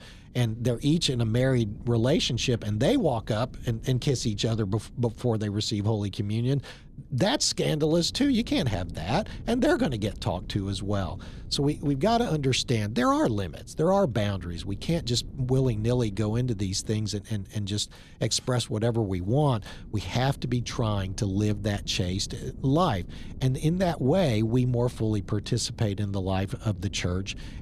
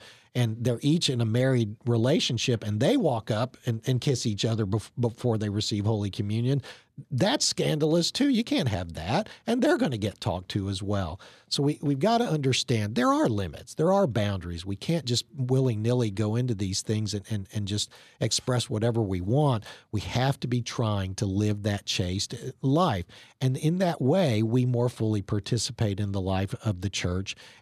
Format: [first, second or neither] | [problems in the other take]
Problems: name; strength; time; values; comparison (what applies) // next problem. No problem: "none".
second | wind noise on the microphone; occasional gusts; 25 dB below the speech